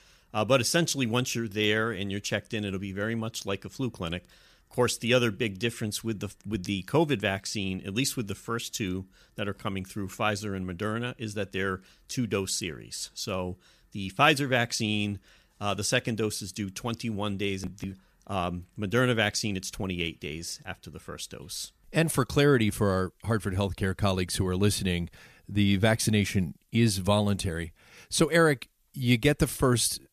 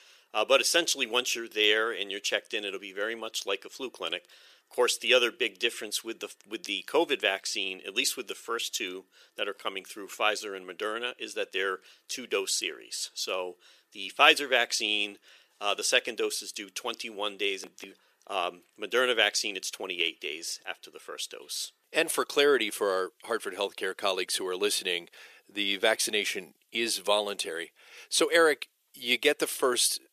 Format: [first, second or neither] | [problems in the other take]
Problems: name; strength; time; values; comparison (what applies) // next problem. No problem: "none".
first | thin; very; fading below 400 Hz